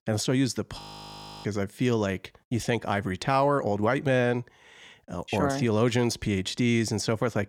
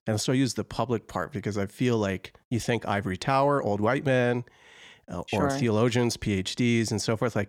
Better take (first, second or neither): second